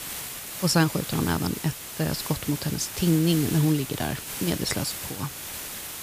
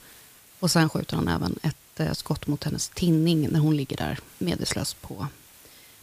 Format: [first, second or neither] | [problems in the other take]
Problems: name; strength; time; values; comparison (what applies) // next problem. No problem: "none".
second | hiss; loud; throughout; 7 dB below the speech; faint in the second